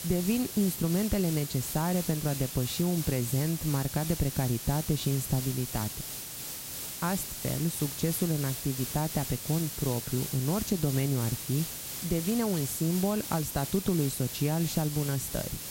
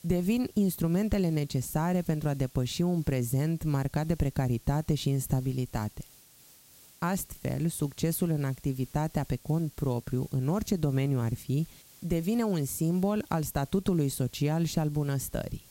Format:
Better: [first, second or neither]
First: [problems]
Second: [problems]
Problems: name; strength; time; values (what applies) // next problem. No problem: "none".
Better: second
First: hiss; loud; throughout; 5 dB below the speech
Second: hiss; faint; throughout; 25 dB below the speech